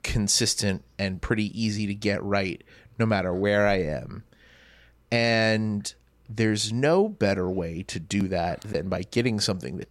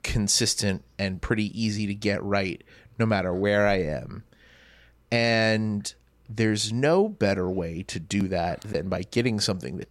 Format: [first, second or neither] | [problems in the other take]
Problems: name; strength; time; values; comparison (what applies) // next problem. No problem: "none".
neither | none